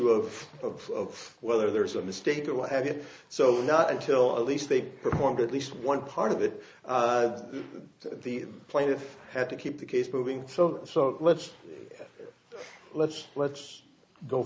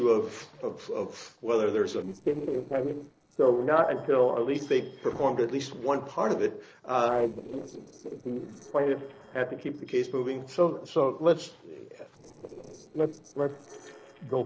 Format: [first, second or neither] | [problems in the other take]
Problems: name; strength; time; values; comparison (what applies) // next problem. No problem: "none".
first | noise reduction (neural separator model SepFormer DNS4)